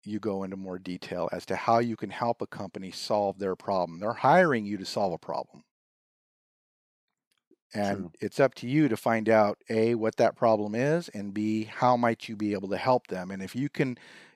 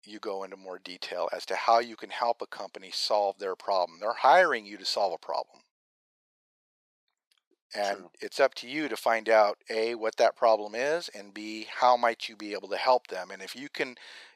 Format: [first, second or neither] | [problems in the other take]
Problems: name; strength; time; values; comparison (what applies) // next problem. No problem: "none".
first | thin; very; fading below 600 Hz